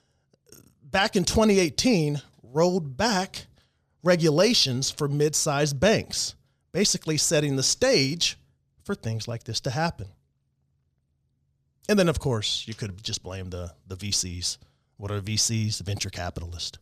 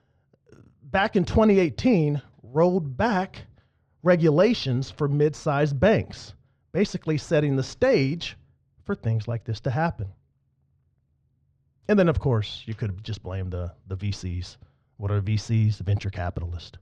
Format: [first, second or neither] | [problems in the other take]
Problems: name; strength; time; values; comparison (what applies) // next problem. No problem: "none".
first | muffled; very; fading above 2 kHz